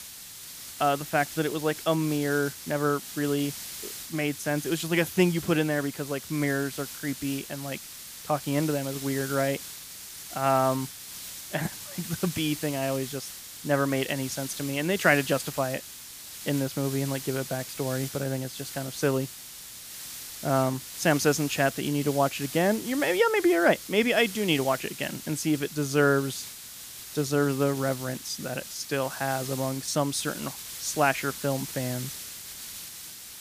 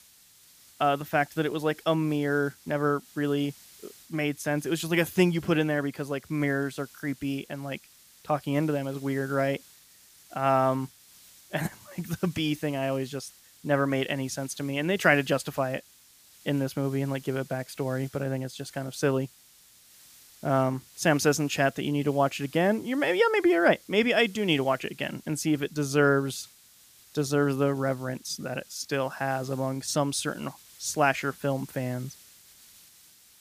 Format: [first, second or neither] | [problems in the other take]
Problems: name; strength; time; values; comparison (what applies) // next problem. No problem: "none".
second | hiss; loud; throughout; 10 dB below the speech; faint in the second